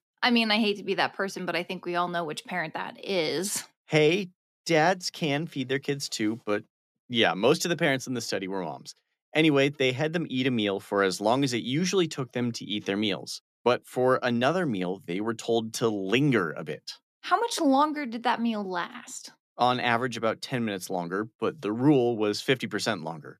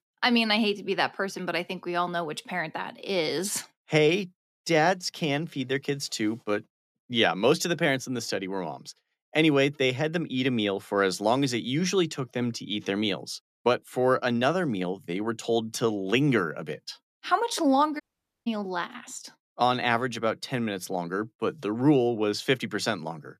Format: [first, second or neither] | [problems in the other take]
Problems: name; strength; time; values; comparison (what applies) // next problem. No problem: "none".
first | audio cutting out; at 18 s